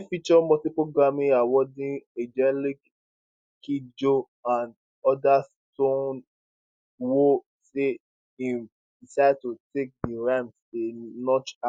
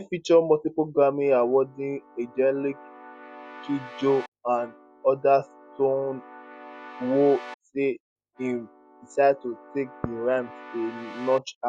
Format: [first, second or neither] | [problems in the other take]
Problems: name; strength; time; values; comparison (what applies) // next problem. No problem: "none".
first | background sound (Keyboard (musical)); 18 dB below the speech